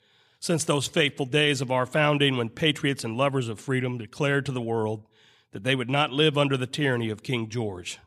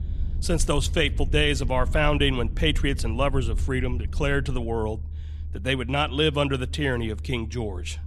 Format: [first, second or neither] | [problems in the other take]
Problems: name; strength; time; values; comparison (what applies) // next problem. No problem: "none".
first | low rumble; faint; throughout; 20 dB below the speech